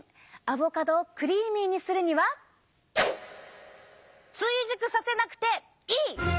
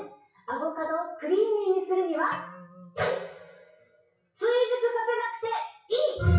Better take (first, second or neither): first